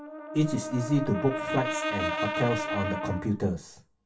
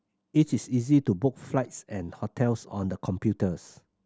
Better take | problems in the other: second | background sound (Brass instrument); 4 dB below the speech // room echo; dies away in 0.2 s

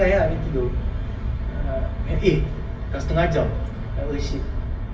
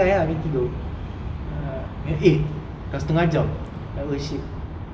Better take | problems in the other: second | room echo; dies away in 0.2 s

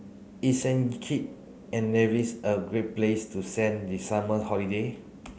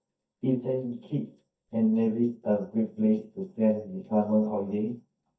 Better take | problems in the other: first | noise reduction (neural mask model DeepFilterNet 3)

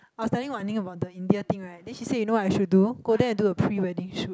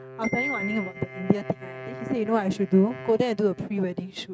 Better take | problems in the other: first | noise reduction (neural mask model RNNoise)

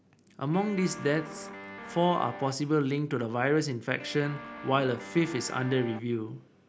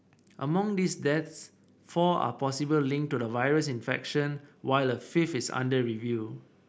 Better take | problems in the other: second | background sound (Guitar); 13 dB below the speech

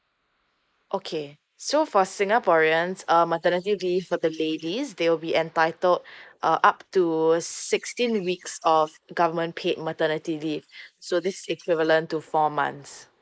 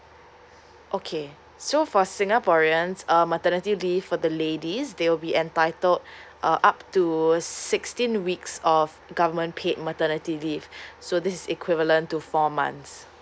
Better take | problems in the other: second | noise reduction (neural mask model Resemble Enhance denoiser)

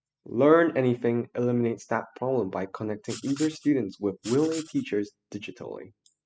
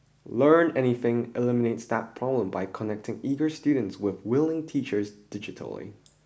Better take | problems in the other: second | noise reduction (classical method spectral subtraction)

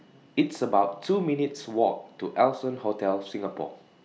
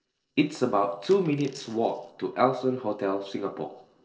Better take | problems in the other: first | noise reduction (neural separator model SepFormer DNS4)

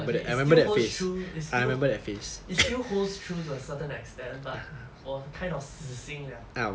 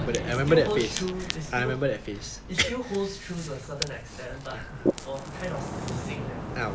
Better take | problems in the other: first | background sound (Ocean); 6 dB below the speech

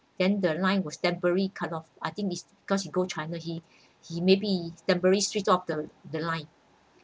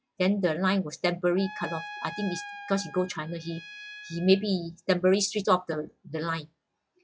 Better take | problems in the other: first | noise reduction (classical method log-MMSE)

